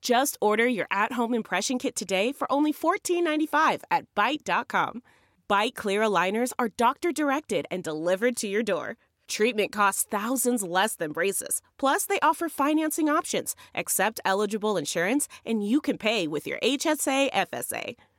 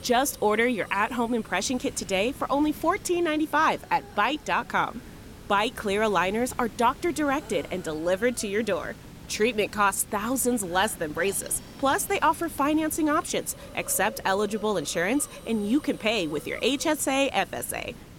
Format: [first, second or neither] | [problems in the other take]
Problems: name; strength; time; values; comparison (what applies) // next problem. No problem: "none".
first | hiss; noticeable; throughout; 20 dB below the speech